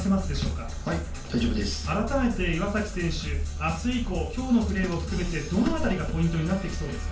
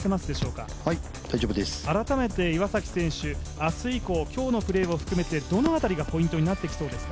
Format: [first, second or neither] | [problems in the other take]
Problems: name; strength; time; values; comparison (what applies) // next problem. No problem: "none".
second | room echo; dies away in 0.3 s